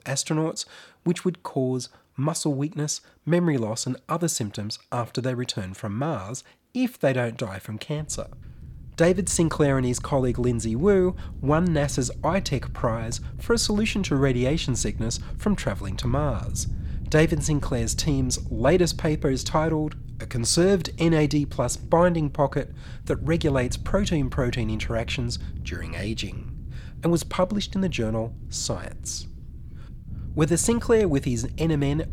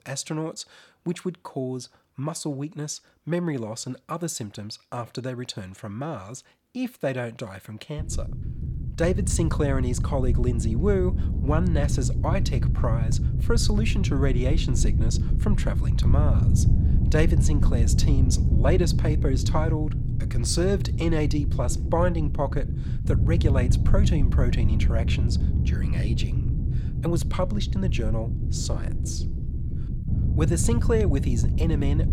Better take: first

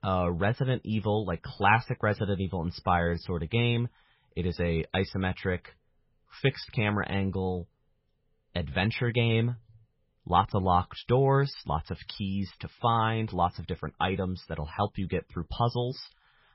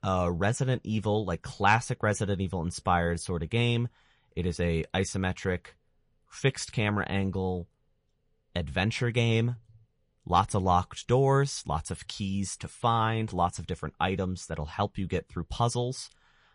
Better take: second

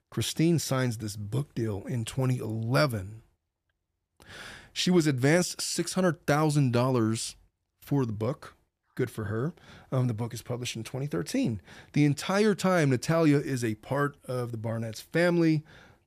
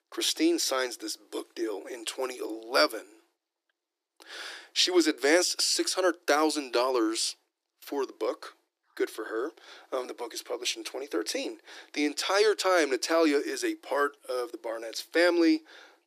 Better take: first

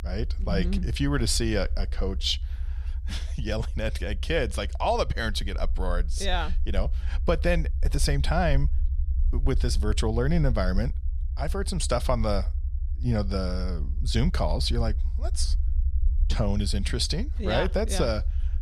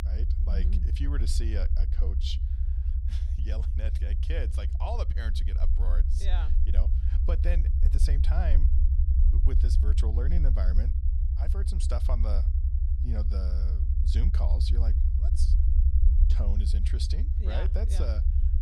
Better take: first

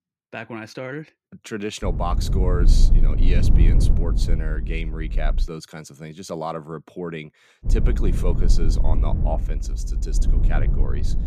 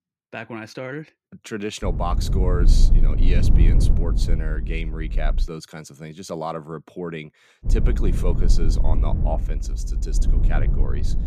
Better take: neither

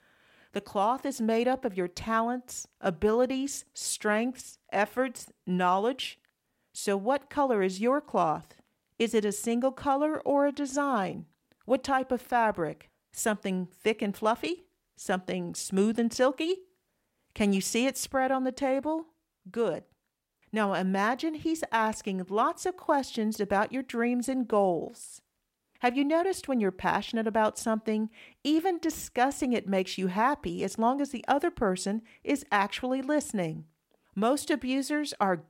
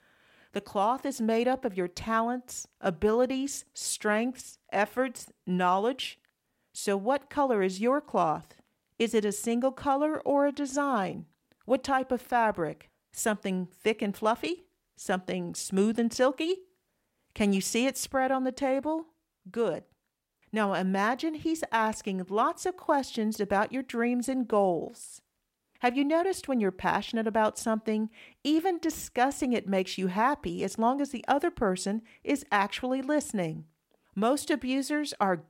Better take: neither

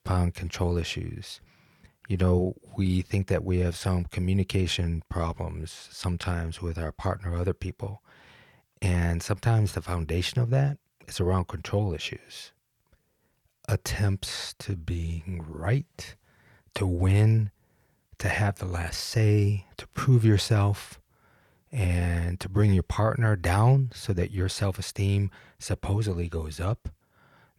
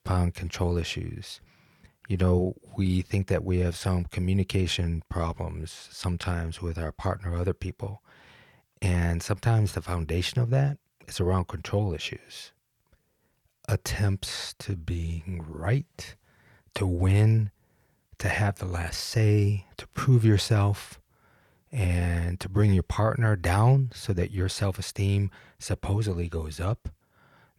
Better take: neither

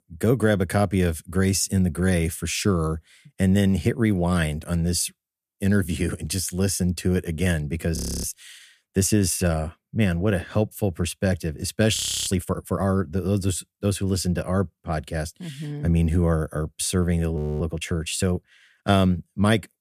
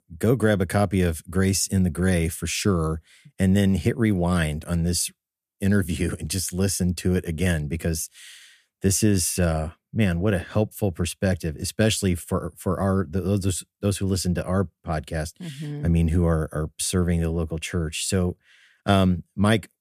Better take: second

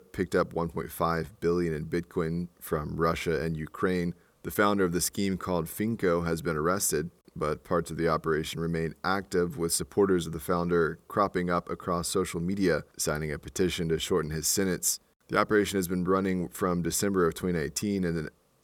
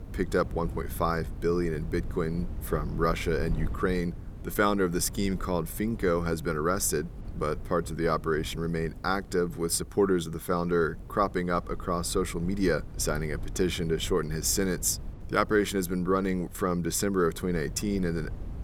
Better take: first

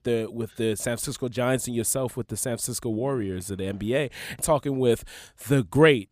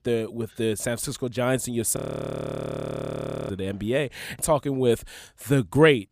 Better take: first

